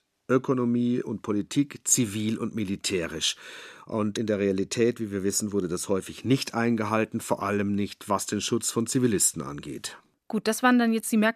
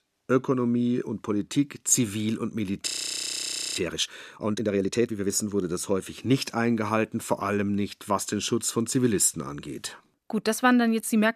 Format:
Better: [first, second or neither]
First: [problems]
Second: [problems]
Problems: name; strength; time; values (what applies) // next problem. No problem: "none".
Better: first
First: none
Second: audio freezing; at 3 s for 1 s